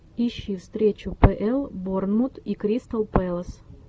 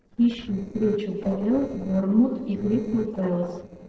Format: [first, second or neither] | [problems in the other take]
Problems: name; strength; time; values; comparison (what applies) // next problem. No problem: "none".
first | noise reduction (neural separator model SepFormer DNS4)